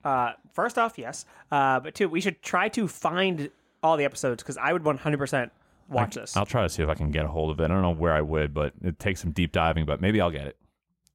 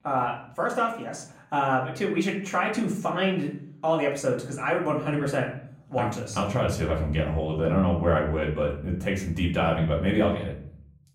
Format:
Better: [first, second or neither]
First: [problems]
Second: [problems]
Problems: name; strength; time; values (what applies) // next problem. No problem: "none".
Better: first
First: none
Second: off-mic speech; far // room echo; slight; dies away in 0.5 s